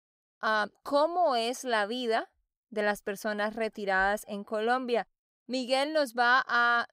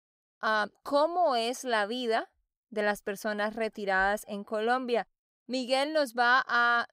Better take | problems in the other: neither | none

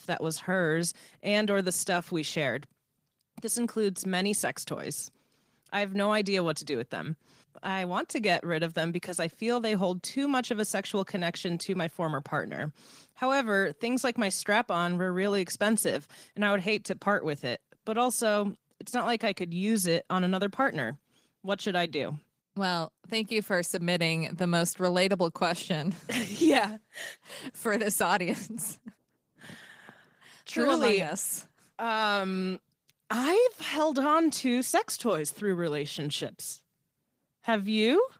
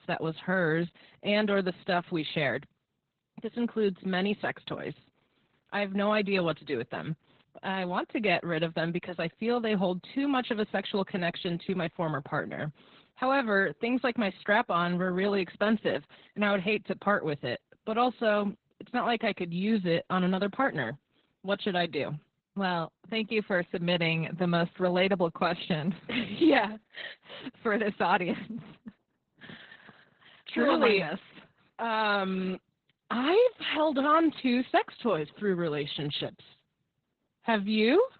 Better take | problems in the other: first | garbled, watery; badly; nothing above 4 kHz; slightly in the first

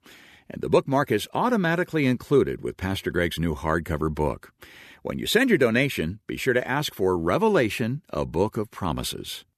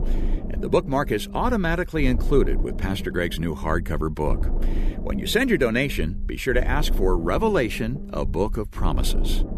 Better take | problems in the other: first | low rumble; noticeable; throughout; 15 dB below the speech

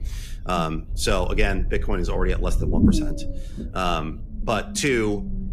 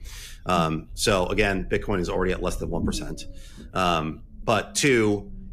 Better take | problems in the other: second | low rumble; loud; throughout; 8 dB below the speech; faint in the second

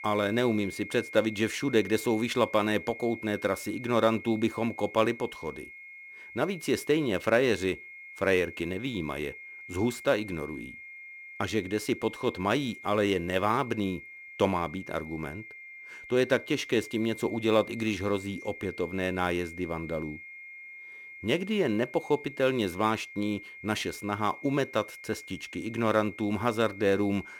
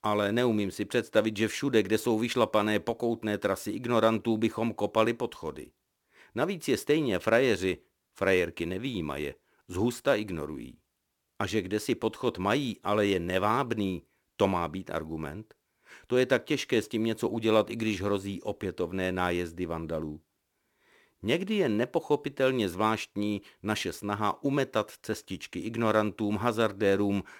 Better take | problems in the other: second | high-pitched whine; noticeable; throughout; 2 kHz, 15 dB below the speech

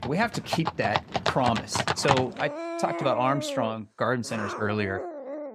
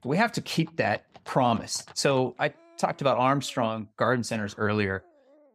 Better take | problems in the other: second | animal sounds; loud; throughout; 3 dB below the speech; faint in the second

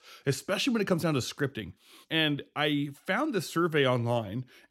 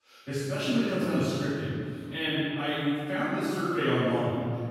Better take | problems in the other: first | off-mic speech; far // room echo; strong; dies away in 2.2 s

